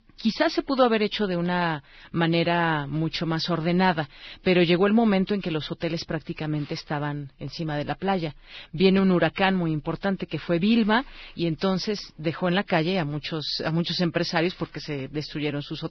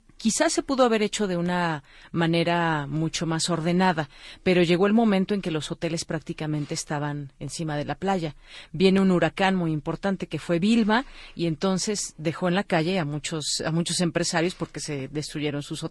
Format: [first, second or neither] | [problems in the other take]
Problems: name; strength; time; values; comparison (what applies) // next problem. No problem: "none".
second | garbled, watery; badly; nothing above 5.5 kHz; slightly in the second